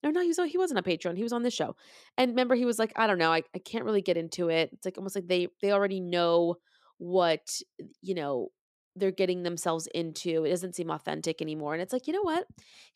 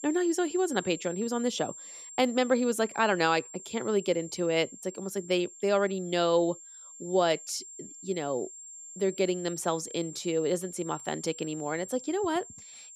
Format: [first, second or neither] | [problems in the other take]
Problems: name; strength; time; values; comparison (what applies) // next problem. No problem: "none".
first | high-pitched whine; noticeable; throughout; 7.5 kHz, 15 dB below the speech